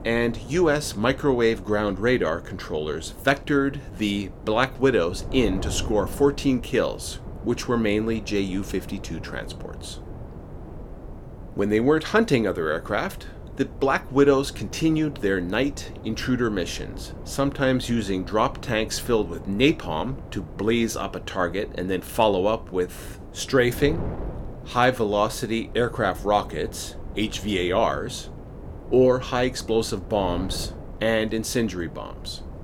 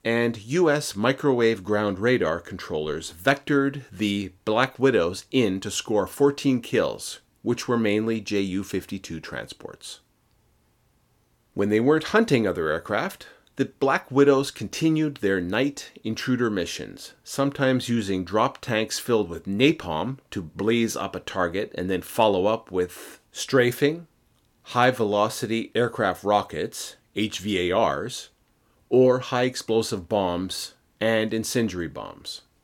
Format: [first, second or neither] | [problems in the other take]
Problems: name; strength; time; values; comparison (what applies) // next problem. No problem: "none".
second | wind noise on the microphone; occasional gusts; 20 dB below the speech